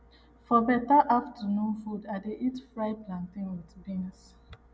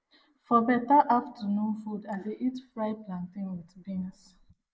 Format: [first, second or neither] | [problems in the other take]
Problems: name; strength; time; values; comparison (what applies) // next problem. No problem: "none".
first | noise reduction (neural mask model Resemble Enhance denoiser)